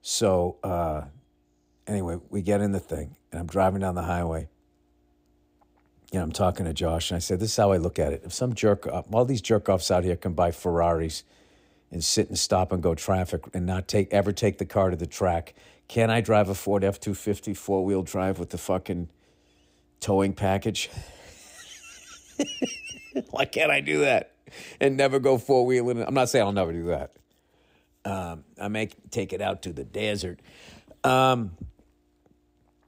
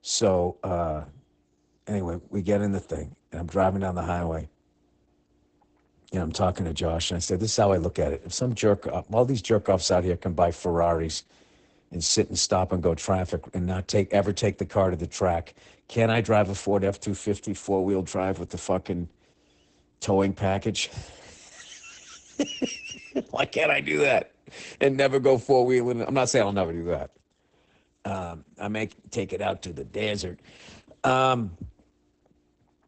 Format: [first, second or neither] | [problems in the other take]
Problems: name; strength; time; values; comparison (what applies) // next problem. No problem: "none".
first | garbled, watery; badly; nothing above 8 kHz